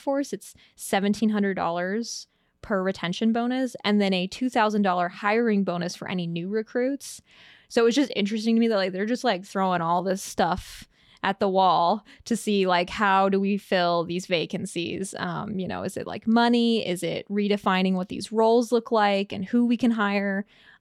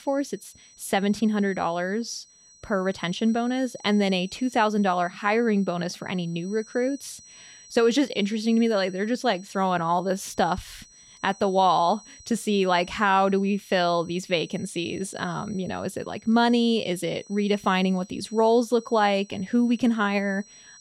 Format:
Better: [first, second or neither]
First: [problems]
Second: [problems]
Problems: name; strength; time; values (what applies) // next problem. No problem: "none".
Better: first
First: none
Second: high-pitched whine; faint; throughout; 6 kHz, 25 dB below the speech